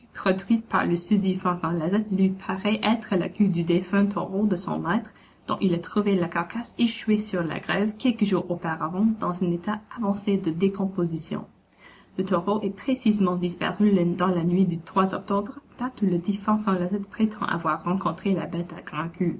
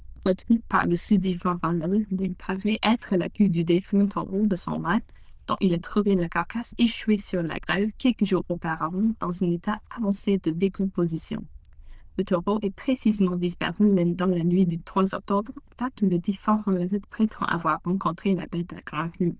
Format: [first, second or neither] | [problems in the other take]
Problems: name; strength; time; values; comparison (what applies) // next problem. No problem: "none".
first | noise reduction (neural diffusion model UNIVERSE++)